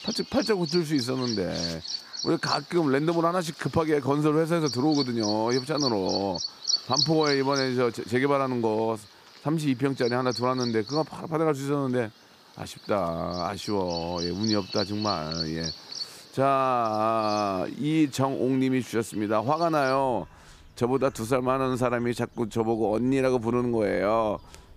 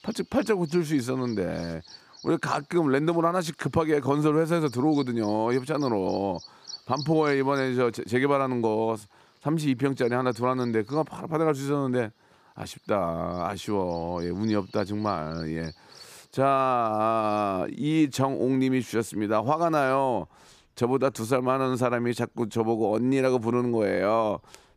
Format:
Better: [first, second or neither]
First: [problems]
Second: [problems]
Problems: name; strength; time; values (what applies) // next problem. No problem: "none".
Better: second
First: animal sounds; loud; throughout; 6 dB below the speech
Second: animal sounds; faint; throughout; 20 dB below the speech